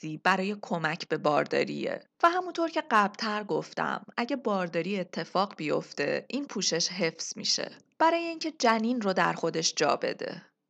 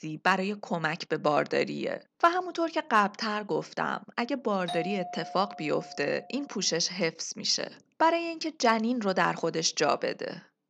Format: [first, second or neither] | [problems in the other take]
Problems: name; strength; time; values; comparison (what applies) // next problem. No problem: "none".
first | doorbell; noticeable; from 4.5 to 6 s; peak 8 dB below the speech